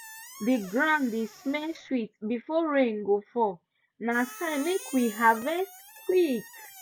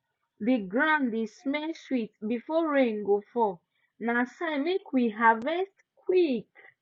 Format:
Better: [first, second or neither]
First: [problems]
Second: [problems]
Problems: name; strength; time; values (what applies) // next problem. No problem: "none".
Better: second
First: background sound (Squeak); 19 dB below the speech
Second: none